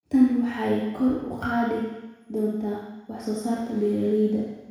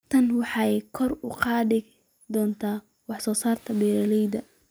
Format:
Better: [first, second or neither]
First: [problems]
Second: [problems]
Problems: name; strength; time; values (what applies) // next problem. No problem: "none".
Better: second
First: room echo; dies away in 1.1 s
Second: none